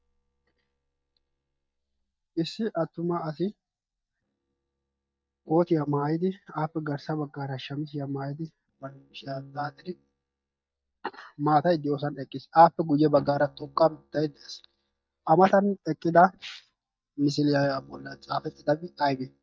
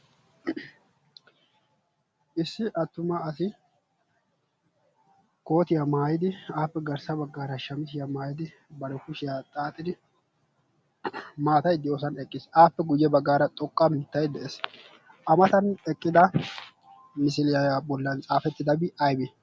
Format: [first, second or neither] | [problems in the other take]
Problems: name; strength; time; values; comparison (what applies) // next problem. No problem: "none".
second | noise reduction (neural mask model DeepFilterNet 3)